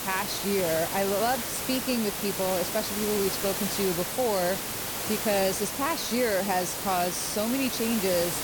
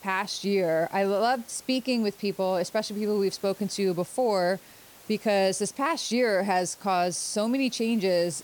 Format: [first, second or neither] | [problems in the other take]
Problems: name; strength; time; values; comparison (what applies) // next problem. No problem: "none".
second | hiss; loud; throughout; 2 dB below the speech; faint in the second